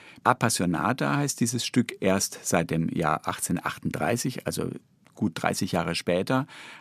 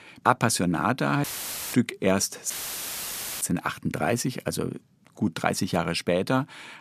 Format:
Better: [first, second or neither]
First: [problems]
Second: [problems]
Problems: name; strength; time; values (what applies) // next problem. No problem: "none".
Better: first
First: none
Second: audio cutting out; filled with static; at 1 s for 0.5 s and at 2.5 s for 1 s